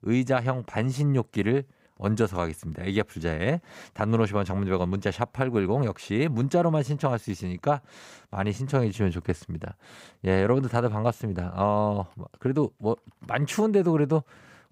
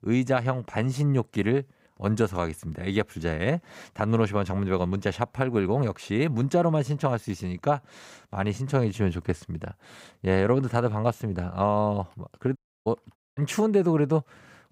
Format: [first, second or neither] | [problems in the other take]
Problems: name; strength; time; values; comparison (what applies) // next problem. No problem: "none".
first | audio cutting out; at 13 s